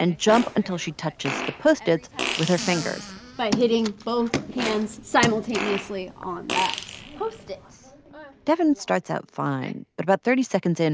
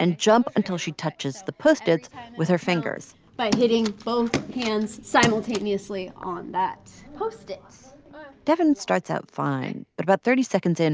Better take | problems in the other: second | background sound (Squeak / Cupboard open or close + Fart); 9 dB below the speech

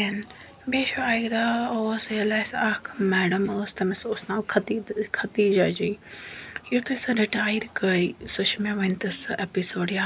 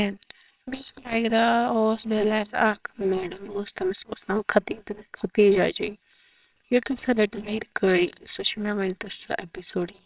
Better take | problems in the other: first | noise reduction (neural separator model SepFormer WHAMR!)

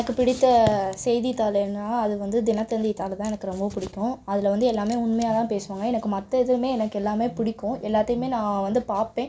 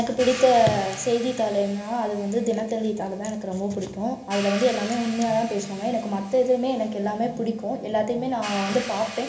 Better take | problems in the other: first | background sound (Hi-hat); 15 dB below the speech // room echo; dies away in 0.8 s

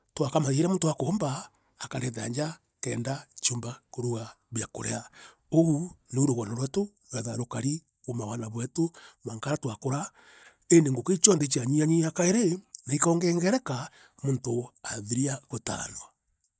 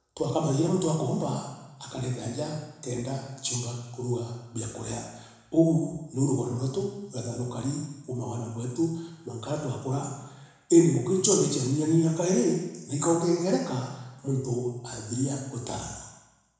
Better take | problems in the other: first | room echo; dies away in 1 s

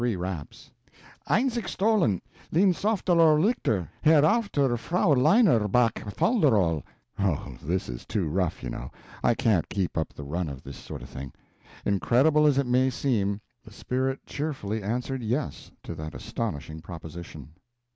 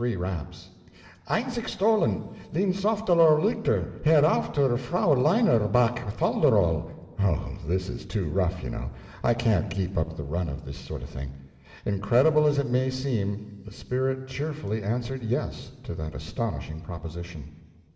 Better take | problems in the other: first | room echo; dies away in 2.7 s

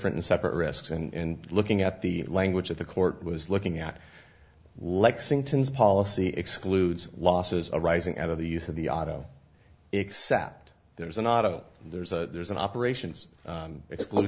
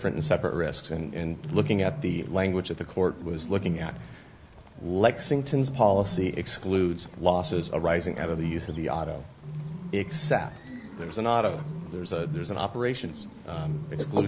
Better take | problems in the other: first | background sound (Bird); 9 dB below the speech

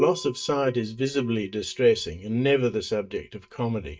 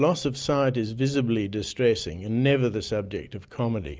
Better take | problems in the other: second | noise reduction (neural mask model DeepFilterNet 3)

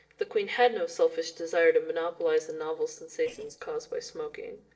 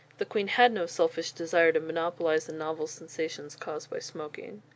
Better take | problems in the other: second | noise reduction (neural separator model SepFormer DNS4)

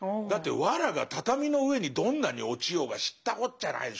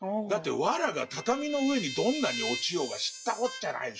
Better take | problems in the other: first | noise reduction (classical method WPE with log-MMSE)

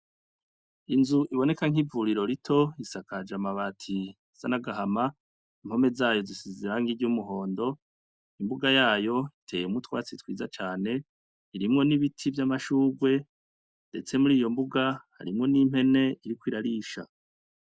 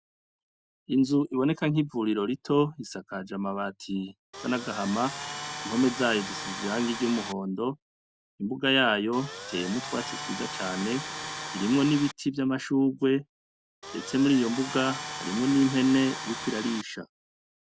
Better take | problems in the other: first | background sound (Tools); 8 dB below the speech

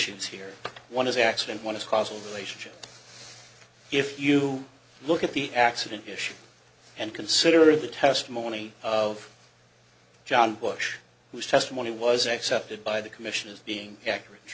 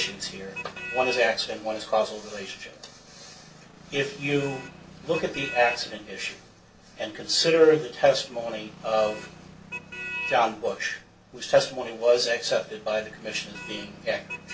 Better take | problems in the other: first | background sound (Motor vehicle (road)); 14 dB below the speech // room echo; dies away in 0.2 s

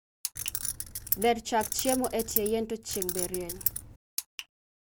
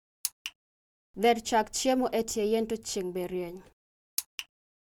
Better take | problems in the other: second | background sound (Keys jangling); 2 dB below the speech

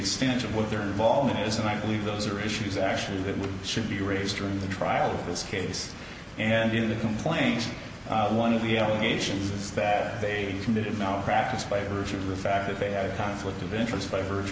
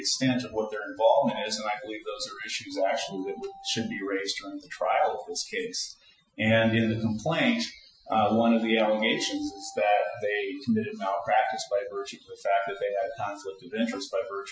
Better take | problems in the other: first | noise reduction (classical method Wiener filter)

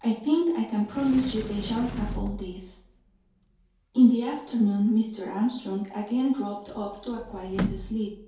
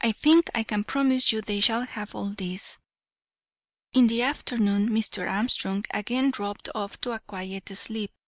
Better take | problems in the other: second | background sound (Sliding door); 12 dB below the speech // room echo; dies away in 2.4 s

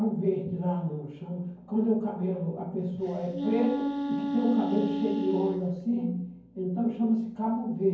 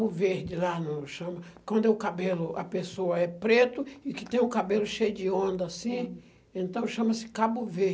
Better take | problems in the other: second | background sound (Wind instrument, woodwind instrument); 3 dB below the speech // room echo; dies away in 0.9 s

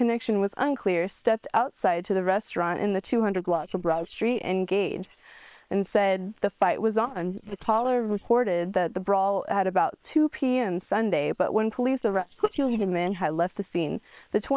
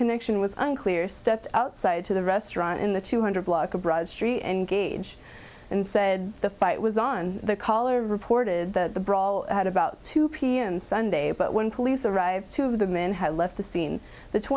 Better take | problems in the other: second | noise reduction (neural separator model SepFormer WHAM!)

